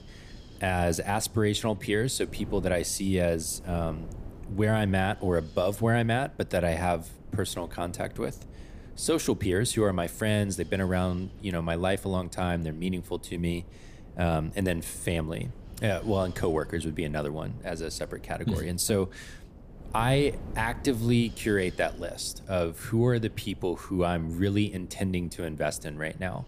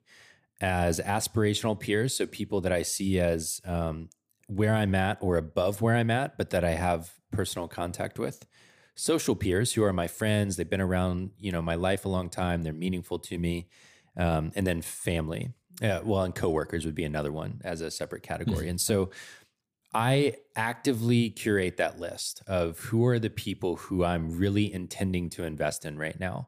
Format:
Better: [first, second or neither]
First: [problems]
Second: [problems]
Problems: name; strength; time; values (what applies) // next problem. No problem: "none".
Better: second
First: wind noise on the microphone; occasional gusts; 25 dB below the speech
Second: none